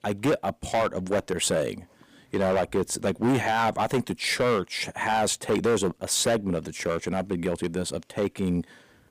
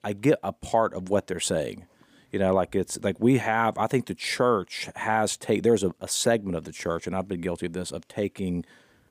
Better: second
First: distortion; heavy; 9% of the sound clipped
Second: none

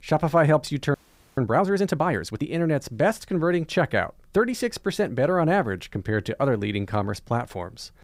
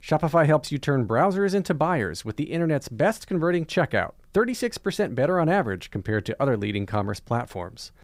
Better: second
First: audio freezing; at 1 s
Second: none

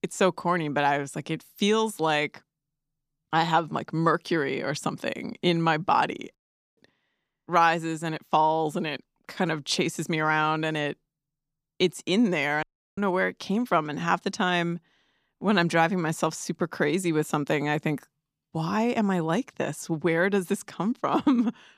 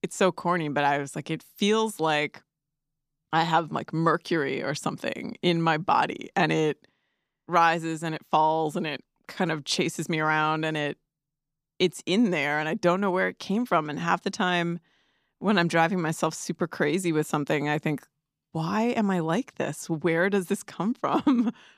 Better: second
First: audio cutting out; at 6.5 s and at 13 s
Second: none

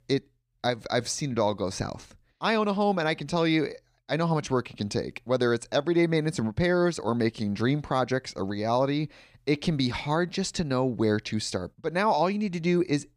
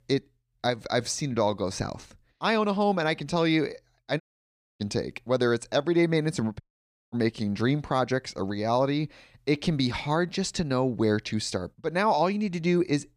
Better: first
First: none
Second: audio cutting out; at 4 s for 0.5 s and at 6.5 s for 0.5 s

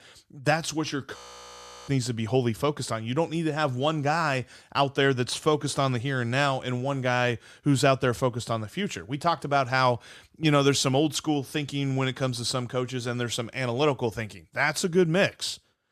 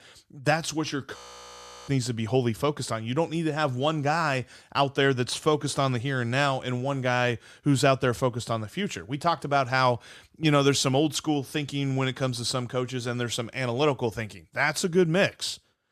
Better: neither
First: audio freezing; at 1 s for 0.5 s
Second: audio freezing; at 1 s for 0.5 s

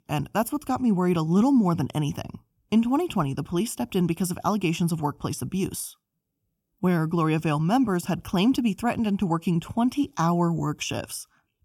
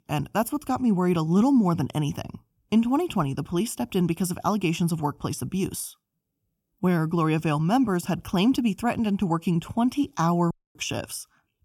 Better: first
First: none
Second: audio cutting out; at 11 s

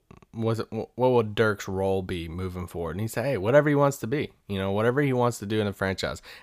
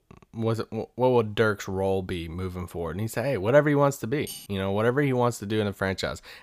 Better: first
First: none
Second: clattering dishes; faint; at 4.5 s; peak 15 dB below the speech

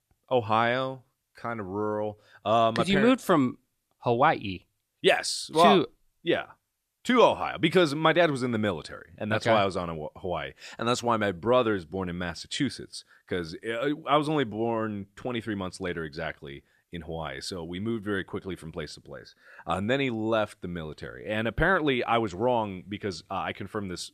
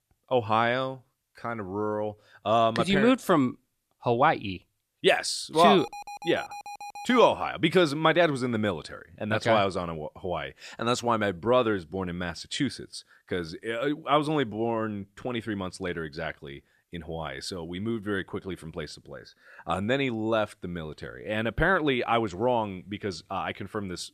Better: first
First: none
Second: alarm; faint; from 6 to 7 s; peak 15 dB below the speech

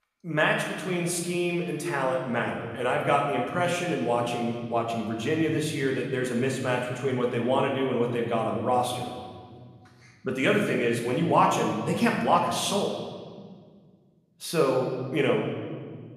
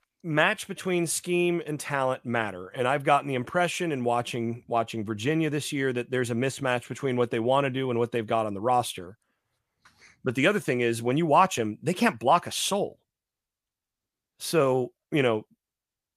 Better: second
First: room echo; noticeable; dies away in 1.7 s // off-mic speech; somewhat distant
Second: none

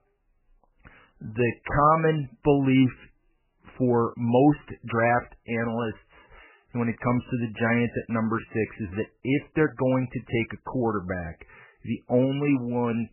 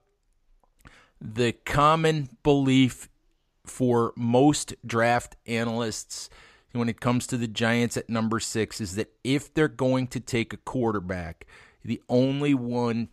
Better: second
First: garbled, watery; badly; nothing above 3 kHz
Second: none

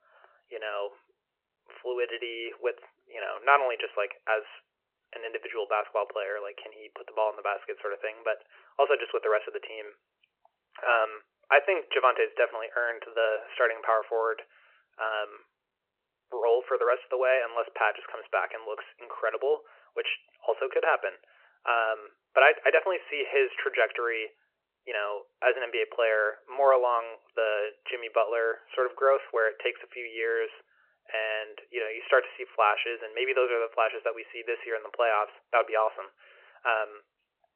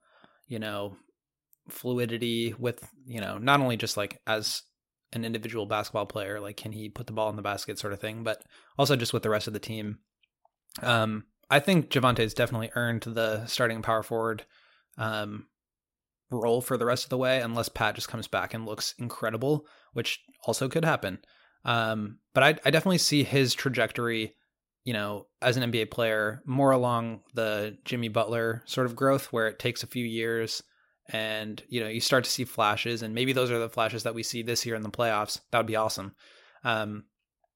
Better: second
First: phone-call audio; nothing above 2.5 kHz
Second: none

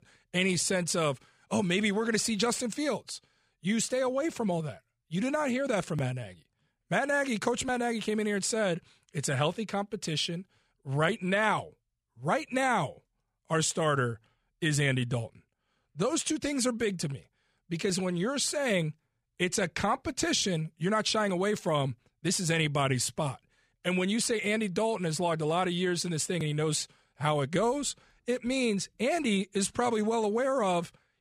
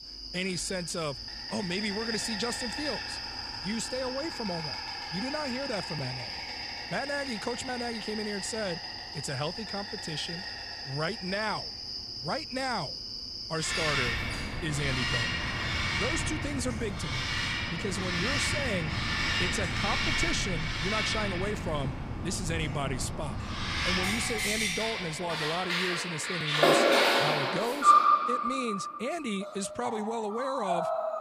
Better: first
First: none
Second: animal sounds; very loud; throughout; 4 dB above the speech

